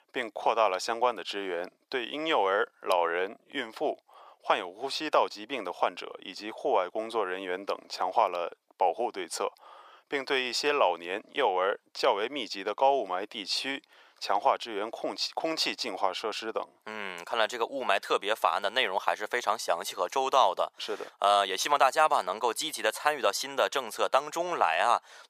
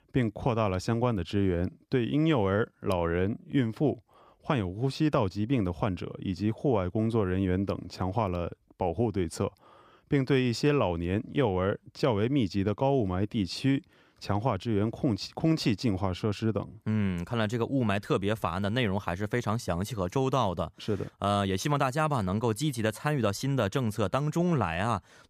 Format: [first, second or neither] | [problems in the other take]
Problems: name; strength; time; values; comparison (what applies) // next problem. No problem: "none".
second | thin; very; fading below 550 Hz